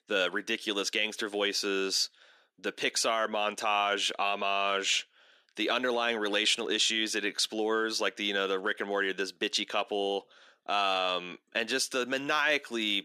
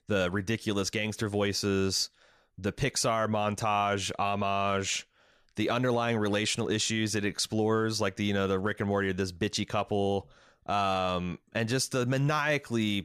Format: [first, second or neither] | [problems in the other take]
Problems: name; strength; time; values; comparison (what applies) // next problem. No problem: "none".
second | thin; somewhat; fading below 250 Hz